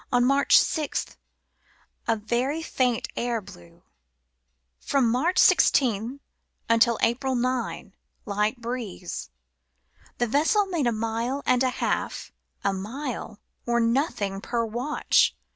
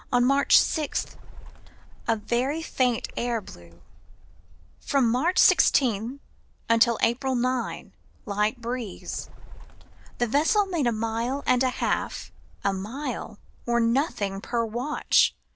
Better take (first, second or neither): first